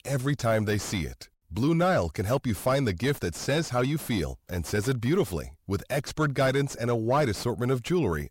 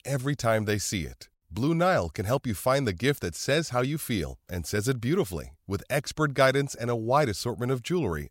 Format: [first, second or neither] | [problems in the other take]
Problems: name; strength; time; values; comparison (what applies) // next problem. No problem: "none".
second | distortion; slight; 10 dB below the speech